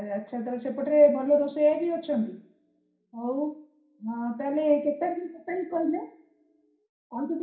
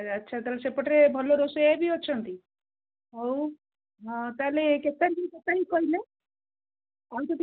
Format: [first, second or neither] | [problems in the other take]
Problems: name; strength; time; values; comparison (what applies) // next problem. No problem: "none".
second | room echo; dies away in 0.5 s